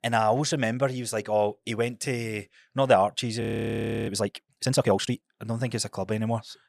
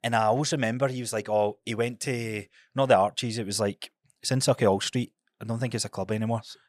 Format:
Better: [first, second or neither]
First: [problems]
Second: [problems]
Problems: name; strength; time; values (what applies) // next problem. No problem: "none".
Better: second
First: audio freezing; at 3.5 s for 0.5 s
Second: none